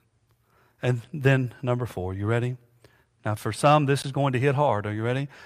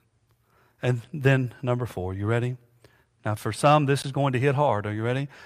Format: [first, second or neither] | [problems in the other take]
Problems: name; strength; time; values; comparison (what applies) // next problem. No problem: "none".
neither | none